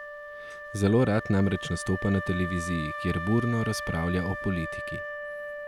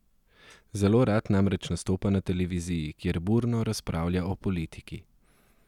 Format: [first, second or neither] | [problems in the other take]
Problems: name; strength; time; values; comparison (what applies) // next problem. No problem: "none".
second | background sound (Wind instrument, woodwind instrument); 8 dB below the speech